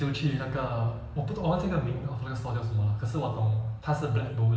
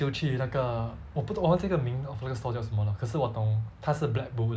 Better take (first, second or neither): second